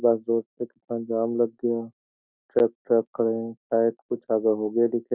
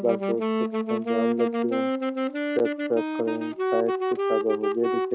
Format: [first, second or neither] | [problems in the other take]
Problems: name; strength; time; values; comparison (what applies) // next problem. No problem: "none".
first | background sound (Wind instrument, woodwind instrument); 2 dB above the speech